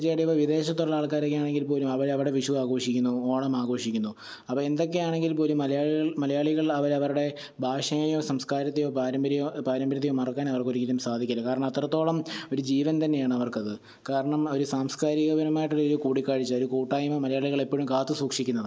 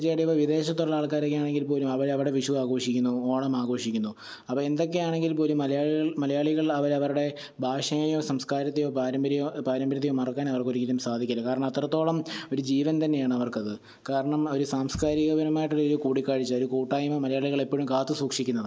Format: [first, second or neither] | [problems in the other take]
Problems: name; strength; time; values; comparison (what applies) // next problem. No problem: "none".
first | background sound (Bass drum); 17 dB below the speech